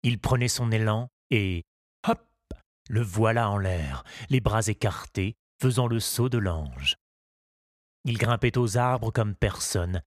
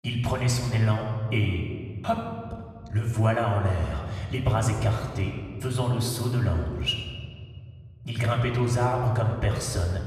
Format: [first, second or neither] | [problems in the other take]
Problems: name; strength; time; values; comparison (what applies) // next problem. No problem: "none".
first | off-mic speech; far // room echo; noticeable; dies away in 1.9 s